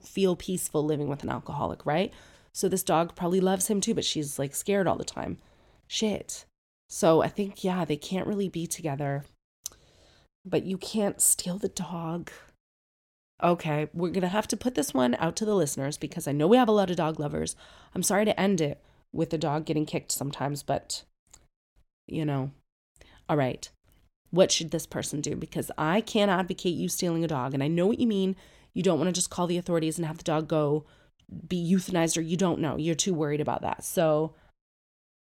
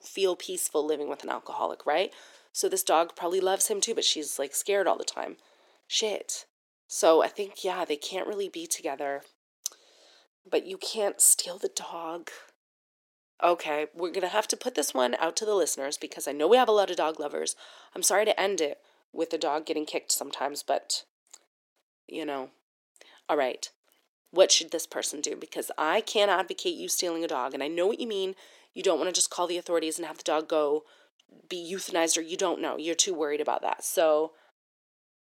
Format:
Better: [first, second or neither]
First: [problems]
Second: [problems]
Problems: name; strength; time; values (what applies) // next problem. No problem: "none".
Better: first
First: none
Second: thin; very; fading below 350 Hz